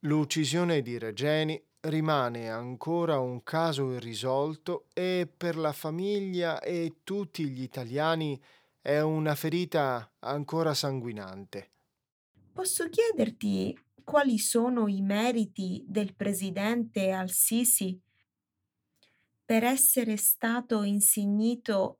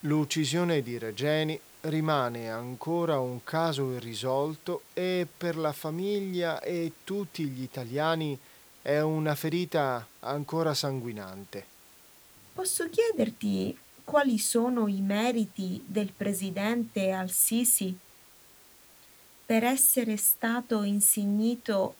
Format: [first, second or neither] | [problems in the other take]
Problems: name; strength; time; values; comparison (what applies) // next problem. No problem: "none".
first | hiss; faint; throughout; 25 dB below the speech